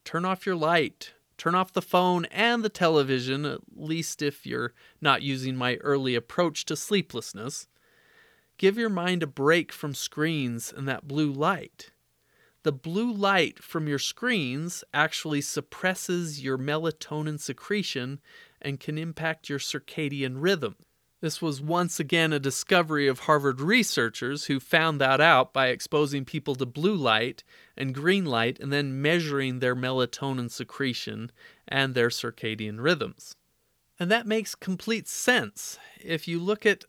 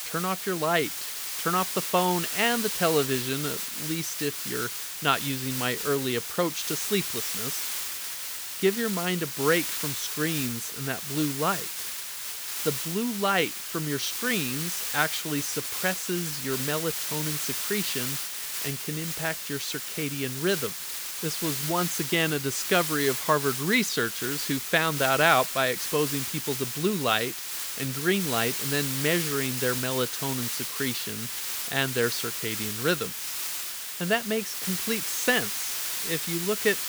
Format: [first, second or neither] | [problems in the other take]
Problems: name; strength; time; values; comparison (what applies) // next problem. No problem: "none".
first | hiss; loud; throughout; 2 dB below the speech